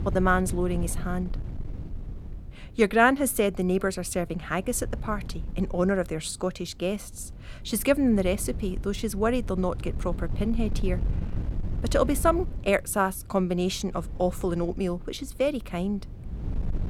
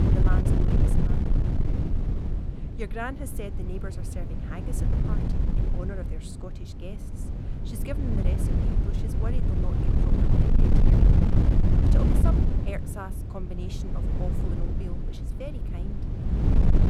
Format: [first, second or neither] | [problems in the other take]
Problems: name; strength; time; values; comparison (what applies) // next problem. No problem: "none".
first | wind noise on the microphone; heavy; 3 dB above the speech; occasional gusts in the first